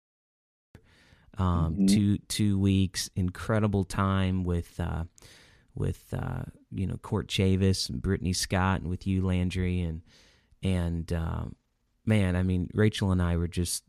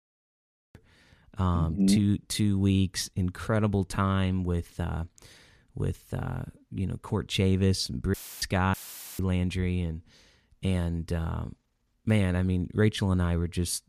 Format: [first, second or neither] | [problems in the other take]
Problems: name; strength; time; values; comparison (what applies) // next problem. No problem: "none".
first | audio cutting out; filled with static; at 8 s and at 8.5 s